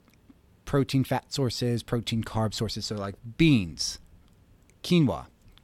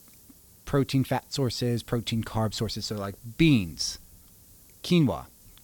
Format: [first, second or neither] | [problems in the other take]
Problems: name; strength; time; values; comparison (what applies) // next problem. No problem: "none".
first | hiss; faint; throughout; 25 dB below the speech